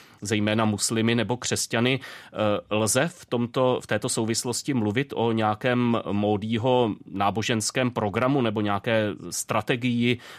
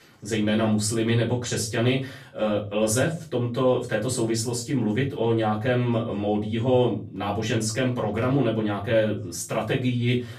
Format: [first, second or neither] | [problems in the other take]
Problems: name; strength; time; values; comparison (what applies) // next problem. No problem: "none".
first | room echo; slight; dies away in 0.4 s // off-mic speech; far